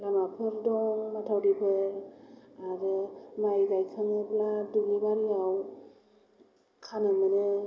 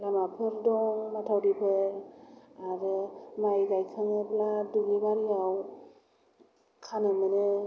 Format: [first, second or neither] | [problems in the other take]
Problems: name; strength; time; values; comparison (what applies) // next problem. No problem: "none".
second | room echo; dies away in 0.3 s